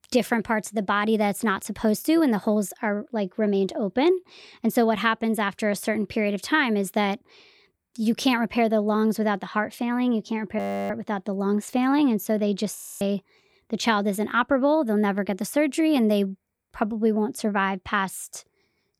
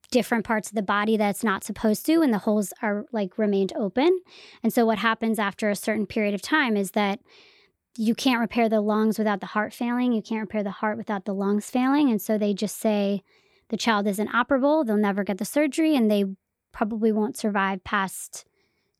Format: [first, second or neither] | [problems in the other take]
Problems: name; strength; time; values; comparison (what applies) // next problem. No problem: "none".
second | audio freezing; at 11 s and at 13 s